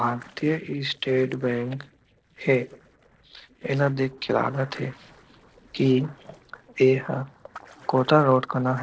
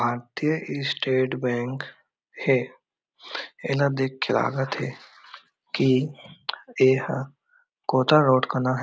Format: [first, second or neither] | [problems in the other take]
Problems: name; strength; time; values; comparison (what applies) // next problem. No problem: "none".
second | noise reduction (neural separator model SepFormer DNS4)